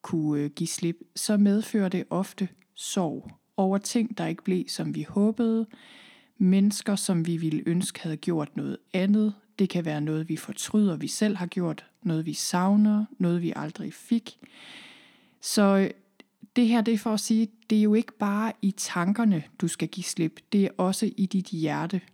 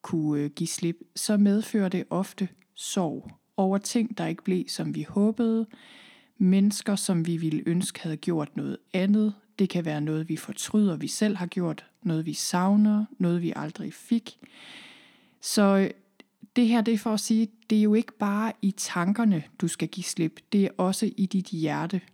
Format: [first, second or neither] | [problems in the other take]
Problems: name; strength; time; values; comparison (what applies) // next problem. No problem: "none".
neither | none